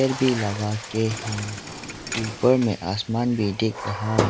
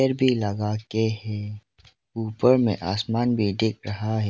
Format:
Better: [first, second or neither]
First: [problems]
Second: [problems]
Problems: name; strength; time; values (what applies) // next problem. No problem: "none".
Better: second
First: background sound (Thump, thud + Water / Splash, splatter); 8 dB below the speech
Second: none